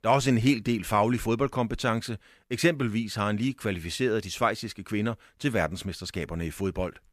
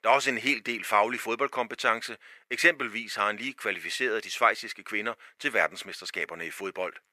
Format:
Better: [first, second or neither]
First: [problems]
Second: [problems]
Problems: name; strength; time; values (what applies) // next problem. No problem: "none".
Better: first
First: none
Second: thin; very; fading below 500 Hz